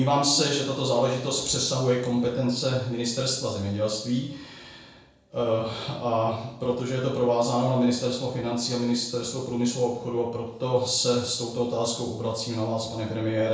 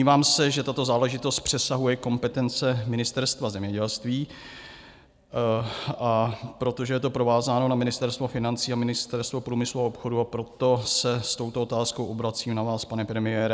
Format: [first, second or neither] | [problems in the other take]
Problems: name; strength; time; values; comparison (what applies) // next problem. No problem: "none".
second | room echo; dies away in 0.7 s